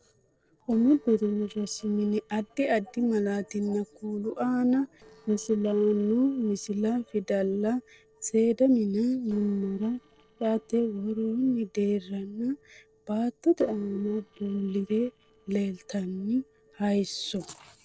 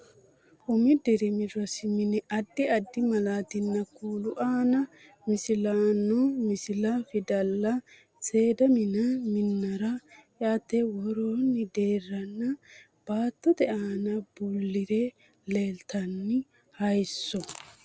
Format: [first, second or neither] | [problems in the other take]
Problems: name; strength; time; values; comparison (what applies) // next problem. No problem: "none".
second | noise reduction (neural separator model SepFormer DNS4)